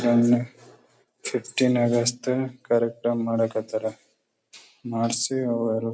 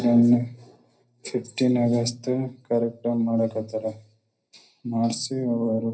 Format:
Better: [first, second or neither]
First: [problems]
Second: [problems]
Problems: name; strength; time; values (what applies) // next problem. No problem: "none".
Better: first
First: none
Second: room echo; dies away in 0.4 s